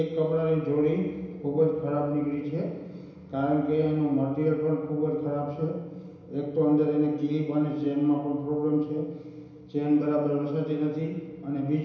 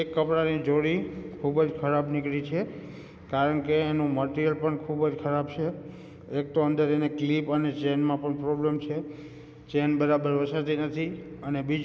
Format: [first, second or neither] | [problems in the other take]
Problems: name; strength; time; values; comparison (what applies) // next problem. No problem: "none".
second | room echo; dies away in 1 s